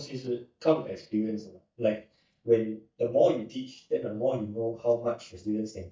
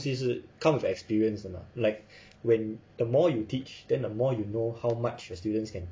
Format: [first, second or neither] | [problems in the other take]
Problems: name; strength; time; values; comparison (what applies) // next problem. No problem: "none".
second | noise reduction (neural mask model DeepFilterNet 3)